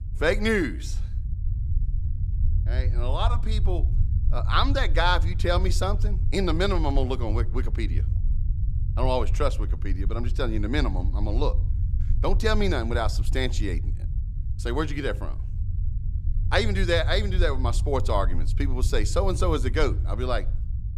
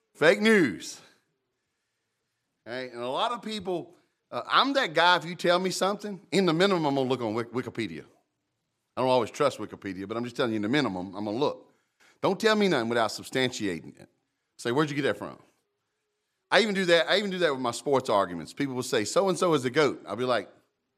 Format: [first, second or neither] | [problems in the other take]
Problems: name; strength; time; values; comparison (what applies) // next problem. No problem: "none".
second | low rumble; noticeable; throughout; 20 dB below the speech